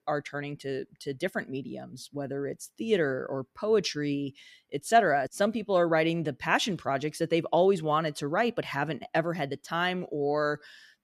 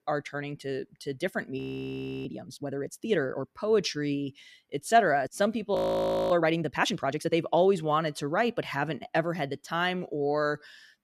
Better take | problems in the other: first | audio freezing; at 1.5 s for 0.5 s and at 6 s for 0.5 s

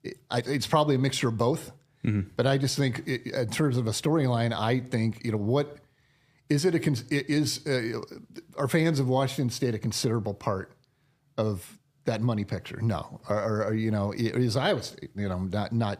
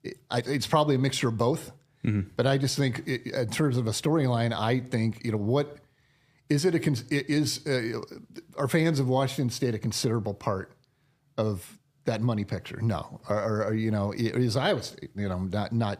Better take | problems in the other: neither | none

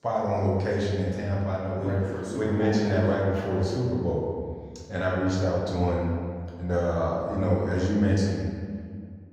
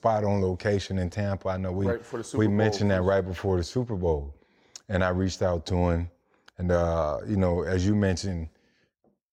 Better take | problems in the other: second | room echo; noticeable; dies away in 1.7 s // off-mic speech; far

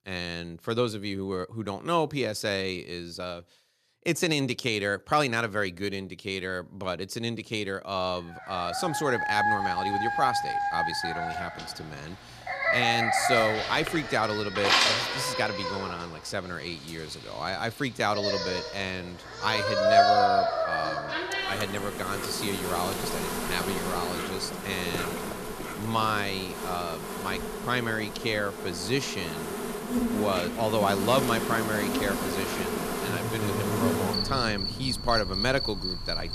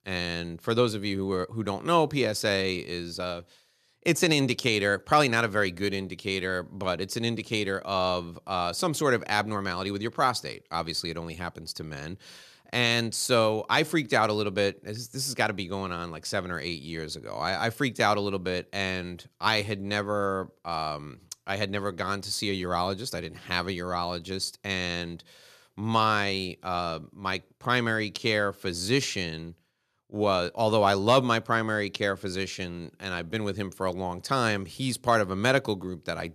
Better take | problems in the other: second | animal sounds; very loud; from 8.5 s on; 1 dB above the speech

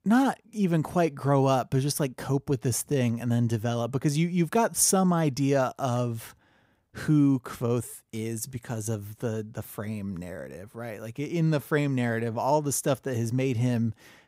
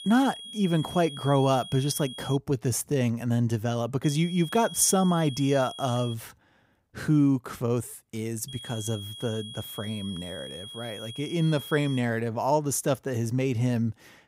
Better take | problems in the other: first | high-pitched whine; noticeable; until 2.5 s, from 4 to 6 s and from 8.5 to 12 s; 3.5 kHz, 15 dB below the speech

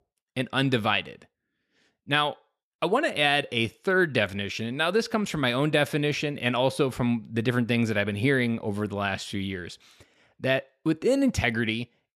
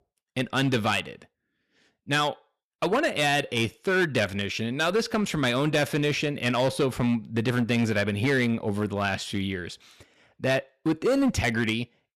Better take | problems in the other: first | distortion; slight; 7% of the sound clipped

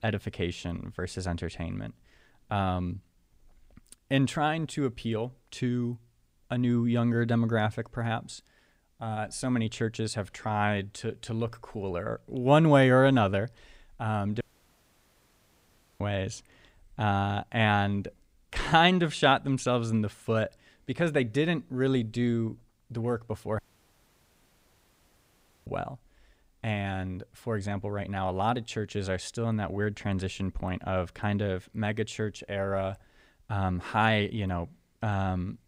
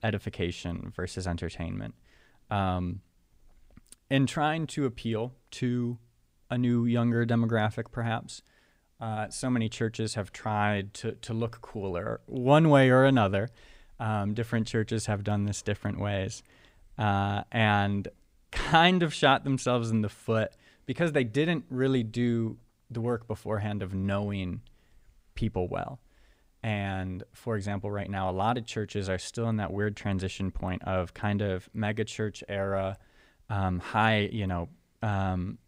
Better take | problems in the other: second | audio cutting out; at 14 s for 1.5 s and at 24 s for 2 s

